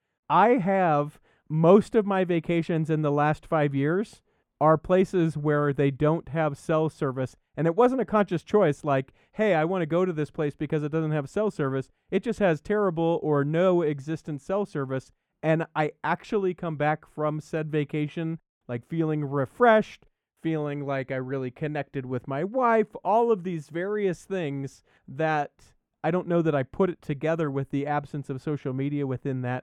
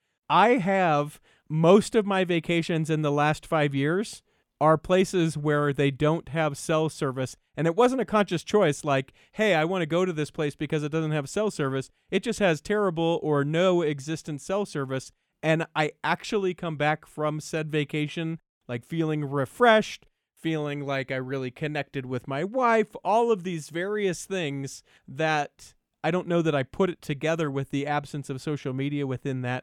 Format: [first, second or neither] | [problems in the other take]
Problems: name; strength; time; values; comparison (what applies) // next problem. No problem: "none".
second | muffled; slightly; fading above 2.5 kHz